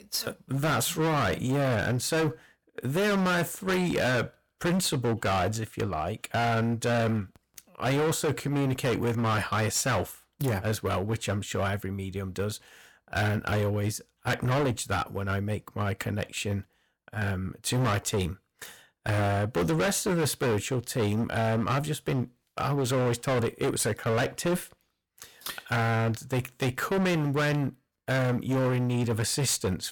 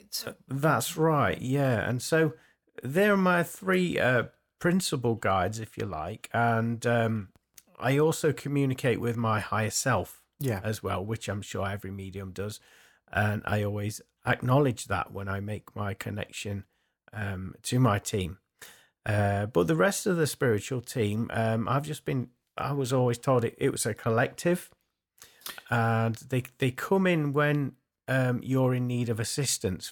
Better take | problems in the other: second | distortion; heavy; 20% of the sound clipped

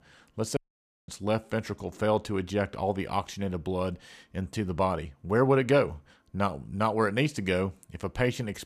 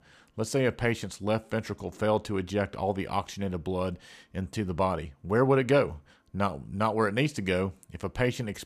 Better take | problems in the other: second | audio cutting out; at 0.5 s for 0.5 s

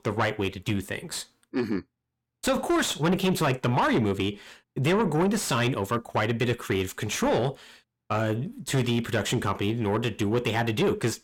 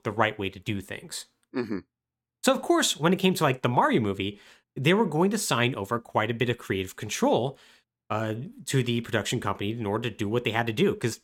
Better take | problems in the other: second | distortion; heavy; 7 dB below the speech

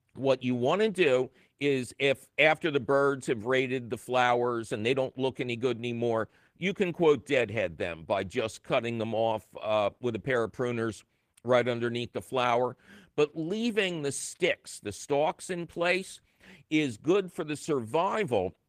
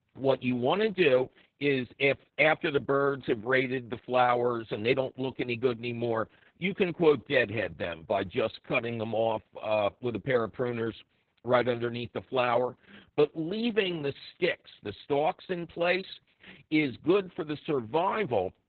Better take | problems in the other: first | garbled, watery; badly; nothing above 4 kHz; slightly in the first

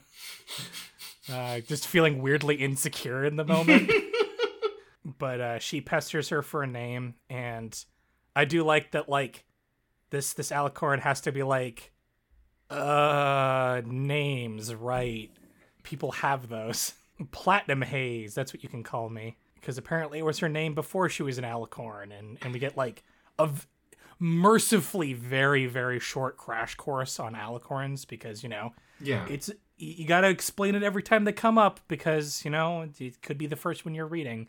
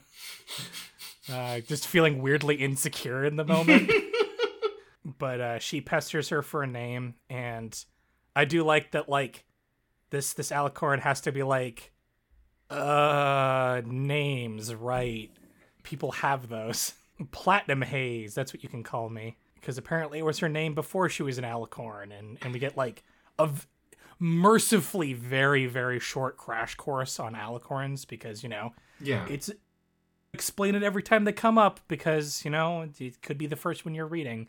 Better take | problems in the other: first | audio freezing; at 30 s for 0.5 s

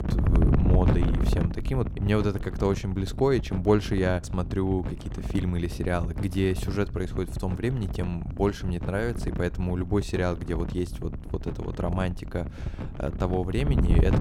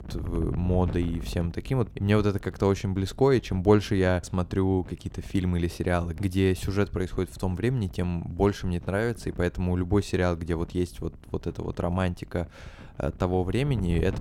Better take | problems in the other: second | wind noise on the microphone; heavy; 9 dB below the speech; occasional gusts in the second

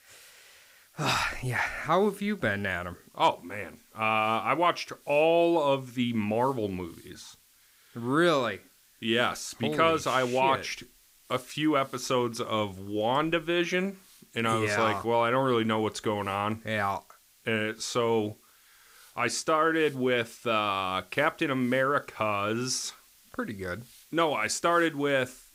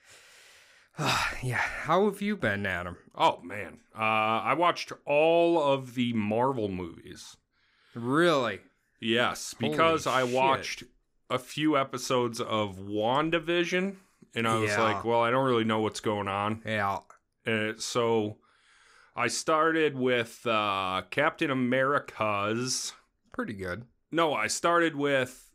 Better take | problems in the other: second | hiss; faint; throughout; 30 dB below the speech

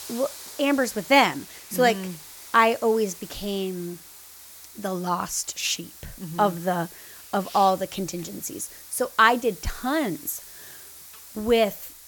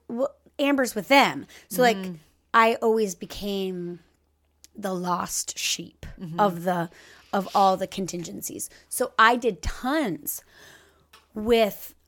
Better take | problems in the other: second | hiss; noticeable; throughout; 15 dB below the speech

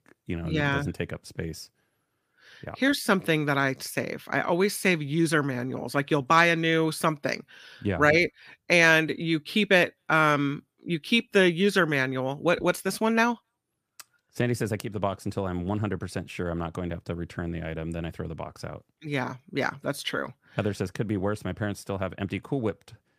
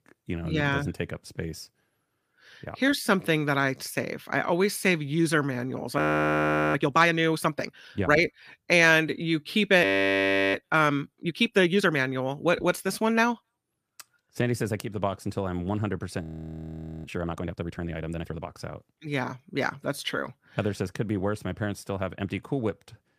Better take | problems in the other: first | audio freezing; at 6 s for 1 s, at 10 s for 0.5 s and at 16 s for 1 s

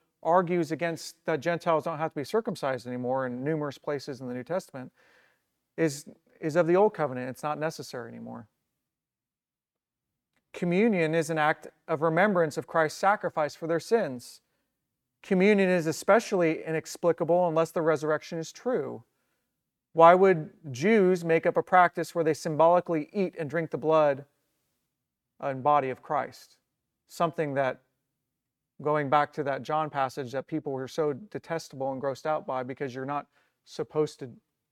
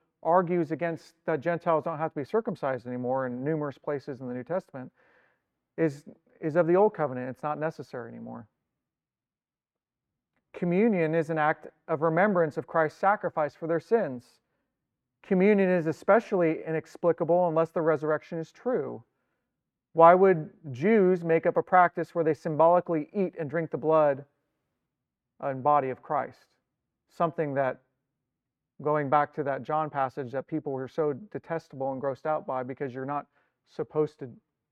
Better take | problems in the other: first | muffled; slightly; fading above 3 kHz

